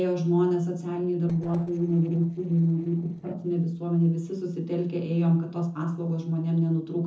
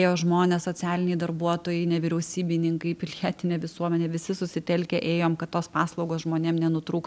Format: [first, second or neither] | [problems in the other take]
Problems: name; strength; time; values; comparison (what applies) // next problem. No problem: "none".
second | noise reduction (neural separator model SepFormer DNS4)